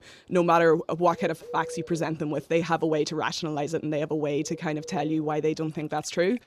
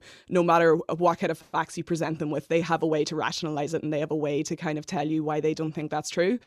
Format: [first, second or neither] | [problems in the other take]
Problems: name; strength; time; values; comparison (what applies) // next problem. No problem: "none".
second | animal sounds; noticeable; throughout; 15 dB below the speech